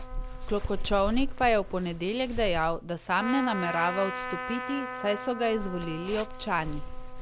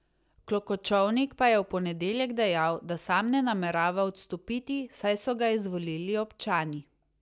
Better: second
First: background sound (Zipper (clothing) + Trumpet); 5 dB below the speech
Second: none

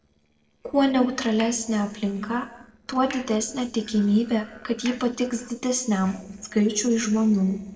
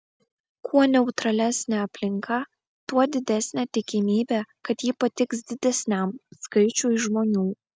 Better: second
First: noise reduction (neural separator model SepFormer DNS4)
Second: none

